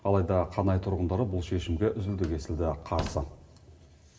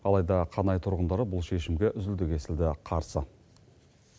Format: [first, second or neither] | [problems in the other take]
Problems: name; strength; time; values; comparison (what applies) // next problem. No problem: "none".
second | background sound (Slam); 13 dB below the speech // room echo; dies away in 1.7 s